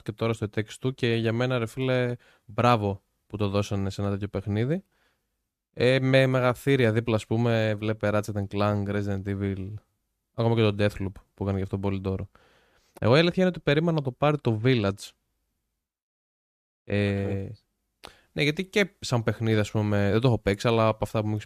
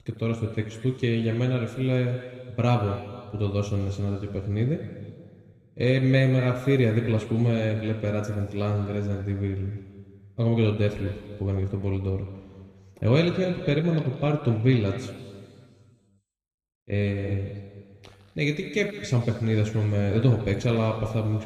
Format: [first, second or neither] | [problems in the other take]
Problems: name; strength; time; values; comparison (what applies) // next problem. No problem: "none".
first | room echo; noticeable; dies away in 2 s // off-mic speech; somewhat distant